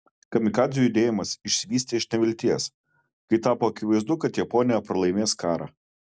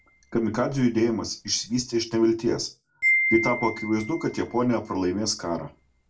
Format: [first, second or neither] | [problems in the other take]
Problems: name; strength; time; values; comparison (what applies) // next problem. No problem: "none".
first | background sound (Wind chime); 7 dB below the speech // room echo; dies away in 0.2 s